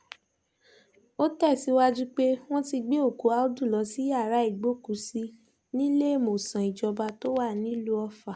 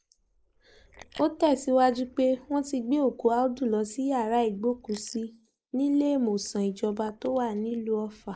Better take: first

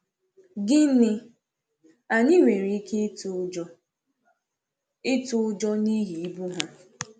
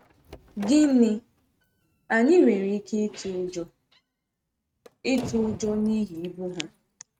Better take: first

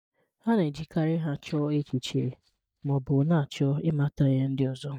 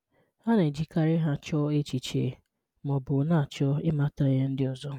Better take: second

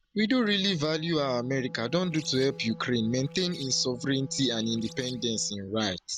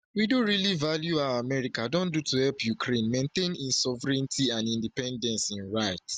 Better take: second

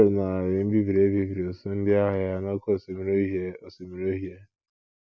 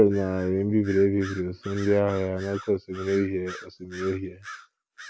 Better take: first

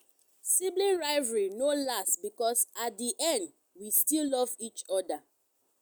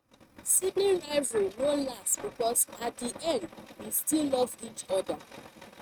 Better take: first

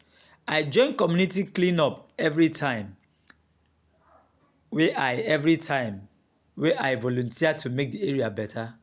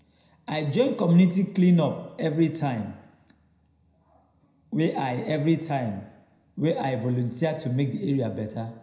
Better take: first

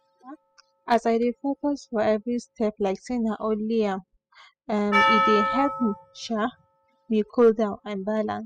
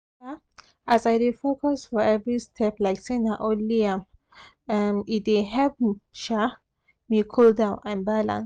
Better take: second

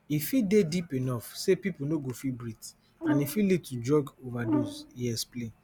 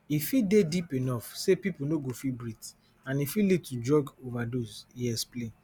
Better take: second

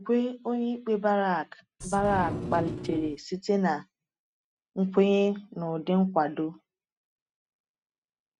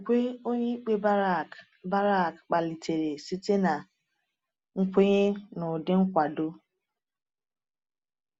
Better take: second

